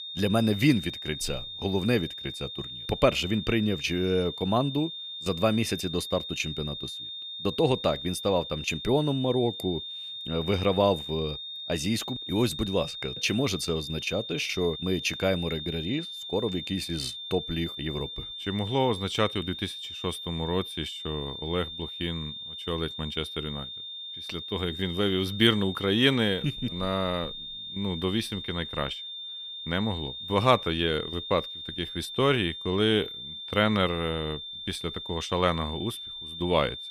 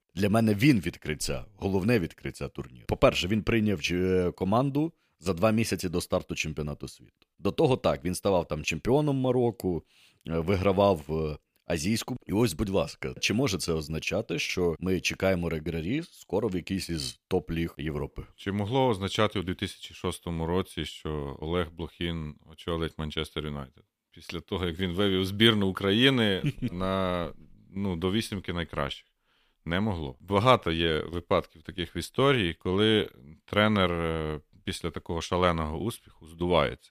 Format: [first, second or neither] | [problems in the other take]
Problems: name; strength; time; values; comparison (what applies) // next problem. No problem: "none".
second | high-pitched whine; loud; throughout; 3.5 kHz, 7 dB below the speech